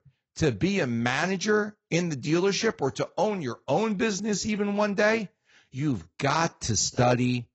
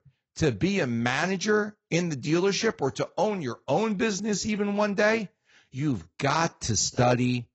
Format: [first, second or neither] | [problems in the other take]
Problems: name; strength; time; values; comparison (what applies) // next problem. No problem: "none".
neither | garbled, watery; badly; nothing above 7.5 kHz; the same in both